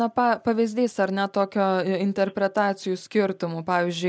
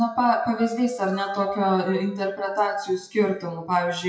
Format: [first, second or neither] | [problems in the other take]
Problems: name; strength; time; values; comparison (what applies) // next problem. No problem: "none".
first | noise reduction (classical method WPE with log-MMSE)